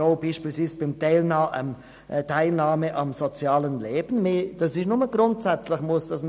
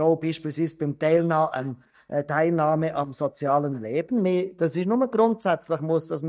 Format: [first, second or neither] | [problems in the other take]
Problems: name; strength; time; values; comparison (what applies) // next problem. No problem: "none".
first | noise reduction (neural mask model DeepFilterNet 3)